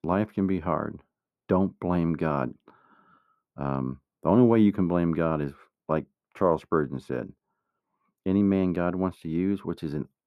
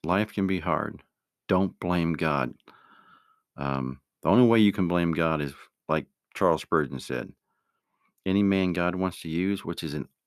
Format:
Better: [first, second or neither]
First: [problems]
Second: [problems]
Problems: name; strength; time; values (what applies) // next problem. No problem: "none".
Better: second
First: muffled; slightly; fading above 1.5 kHz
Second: none